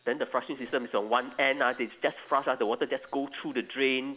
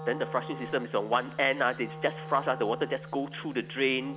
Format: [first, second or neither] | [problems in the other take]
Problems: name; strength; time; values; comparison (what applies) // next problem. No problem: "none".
first | background sound (Wind instrument, woodwind instrument); 12 dB below the speech